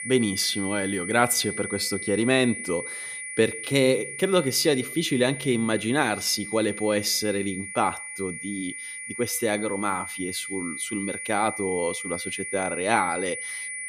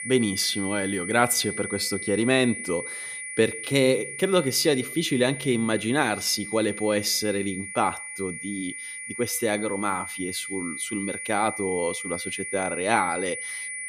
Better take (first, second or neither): neither